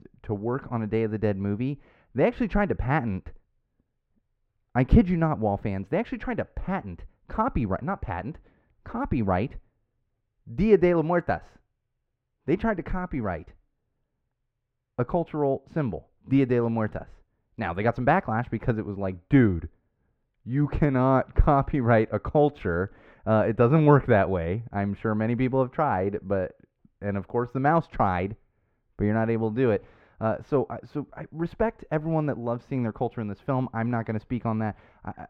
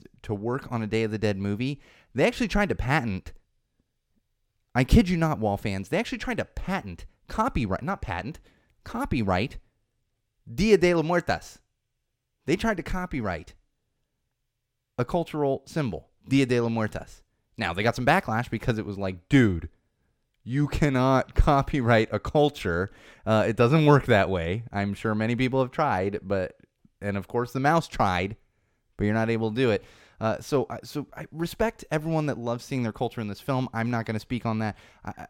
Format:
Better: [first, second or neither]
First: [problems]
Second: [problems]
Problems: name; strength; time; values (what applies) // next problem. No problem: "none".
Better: second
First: muffled; very; fading above 3.5 kHz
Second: none